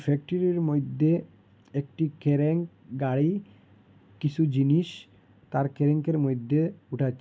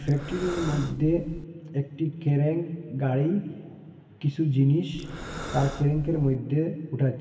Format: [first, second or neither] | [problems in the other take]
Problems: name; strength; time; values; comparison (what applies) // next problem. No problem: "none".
first | background sound (Breathing); 11 dB below the speech // room echo; dies away in 2 s